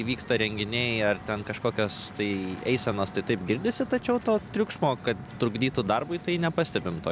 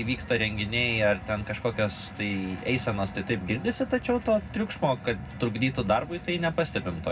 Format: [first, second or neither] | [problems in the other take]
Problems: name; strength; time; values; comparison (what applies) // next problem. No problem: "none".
first | room echo; dies away in 0.3 s